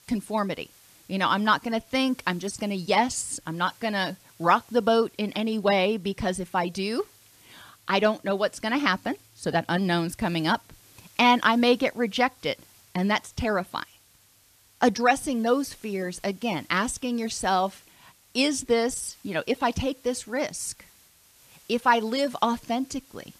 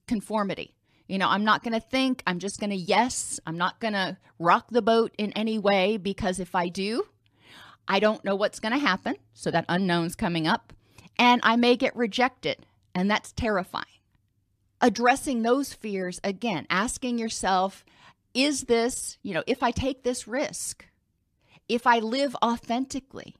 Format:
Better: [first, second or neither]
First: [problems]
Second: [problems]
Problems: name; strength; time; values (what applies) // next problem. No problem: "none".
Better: second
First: hiss; faint; throughout; 30 dB below the speech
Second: none